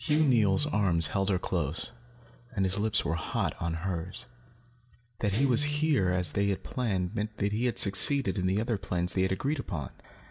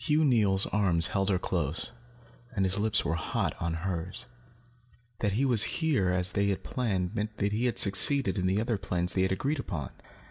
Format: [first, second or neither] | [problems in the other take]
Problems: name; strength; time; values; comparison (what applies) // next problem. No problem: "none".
second | background sound (Guitar); 12 dB below the speech